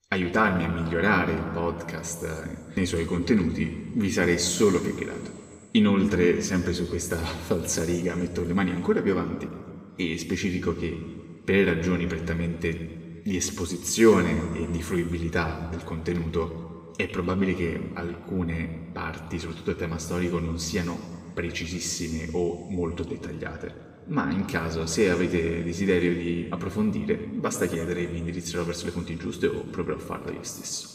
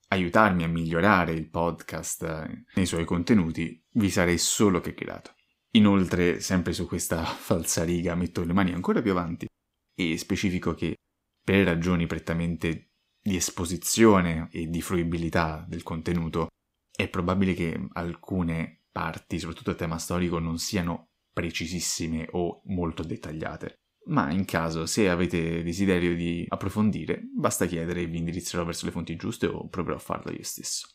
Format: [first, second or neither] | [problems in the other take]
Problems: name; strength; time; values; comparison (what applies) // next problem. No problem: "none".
second | room echo; noticeable; dies away in 1.8 s // off-mic speech; somewhat distant